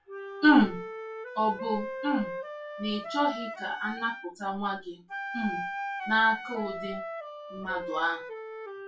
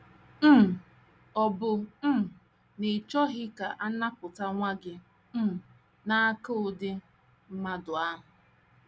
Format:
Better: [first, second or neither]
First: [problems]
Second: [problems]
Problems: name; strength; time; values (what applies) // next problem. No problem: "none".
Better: second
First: noise reduction (classical method WPE with log-MMSE)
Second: none